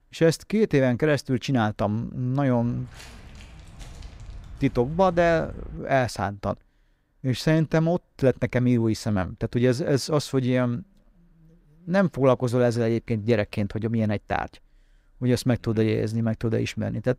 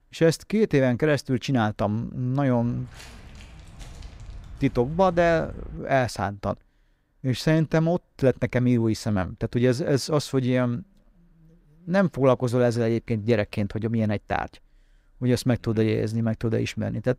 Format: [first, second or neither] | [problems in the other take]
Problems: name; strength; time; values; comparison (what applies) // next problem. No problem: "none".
neither | footsteps; faint; from 2.5 to 6 s; peak 15 dB below the speech; the same in both